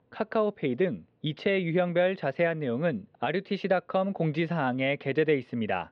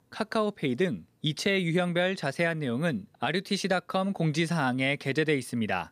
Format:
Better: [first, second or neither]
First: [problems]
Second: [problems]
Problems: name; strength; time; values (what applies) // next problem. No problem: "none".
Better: second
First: muffled; very; fading above 3 kHz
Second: none